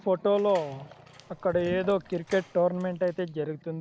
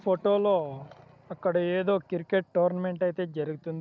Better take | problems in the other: second | background sound (Door + Sink (filling or washing)); 20 dB below the speech

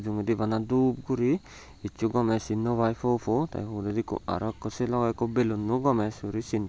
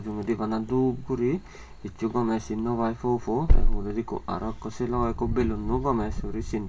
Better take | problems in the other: first | background sound (Wind); as loud as the speech // room echo; dies away in 0.2 s

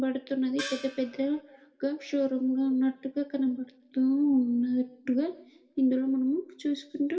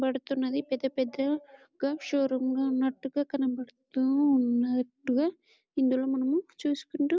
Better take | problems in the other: second | background sound (Gong); 12 dB below the speech // room echo; dies away in 0.7 s

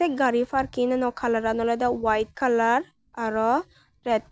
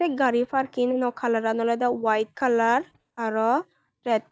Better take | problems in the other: first | noise reduction (neural mask model DeepFilterNet 3)

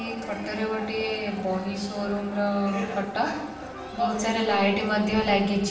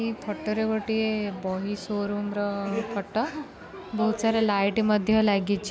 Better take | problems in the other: second | background sound (Domestic sounds, home sounds); 16 dB below the speech // room echo; dies away in 0.7 s

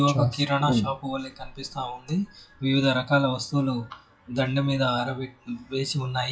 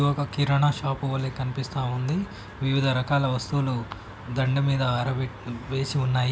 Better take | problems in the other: second | noise reduction (classical method WPE with log-MMSE)

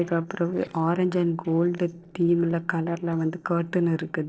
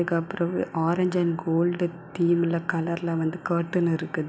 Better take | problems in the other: second | noise reduction (neural separator model SepFormer DNS4)

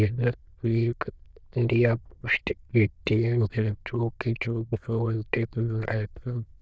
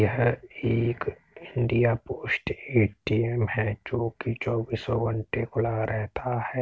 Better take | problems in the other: second | noise reduction (neural diffusion model UNIVERSE++)

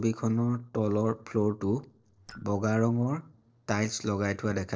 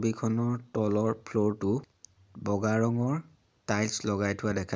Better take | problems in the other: second | noise reduction (neural separator model SepFormer DNS4)

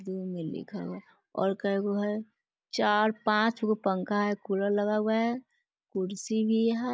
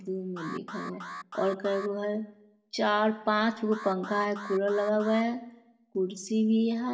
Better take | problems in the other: first | background sound (Alarm); 13 dB below the speech // room echo; dies away in 0.7 s

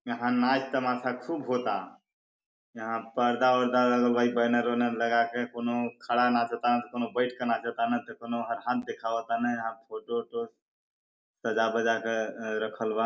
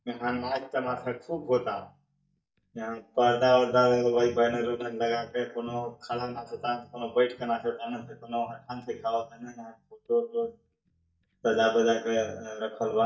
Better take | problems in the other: first | noise reduction (neural mask model DeepFilterNet 3)

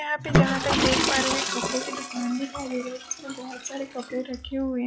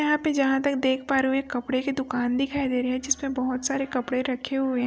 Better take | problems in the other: second | noise reduction (classical method log-MMSE)

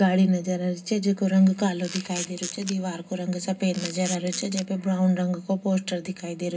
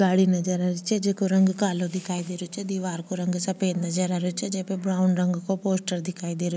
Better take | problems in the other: second | background sound (Camera); 11 dB below the speech // room echo; dies away in 0.2 s

